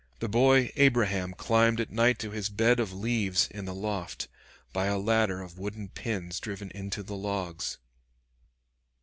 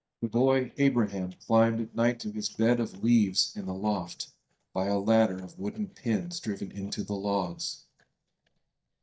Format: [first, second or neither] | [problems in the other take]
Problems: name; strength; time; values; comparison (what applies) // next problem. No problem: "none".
first | noise reduction (neural mask model DeepFilterNet 3)